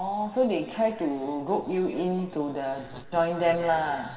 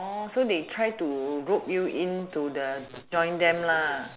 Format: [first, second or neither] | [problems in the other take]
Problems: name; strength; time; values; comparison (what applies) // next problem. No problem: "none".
second | room echo; dies away in 2 s